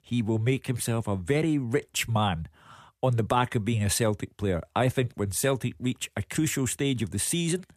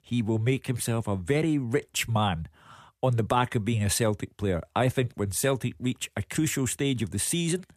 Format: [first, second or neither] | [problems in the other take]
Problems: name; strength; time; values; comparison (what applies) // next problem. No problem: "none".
neither | none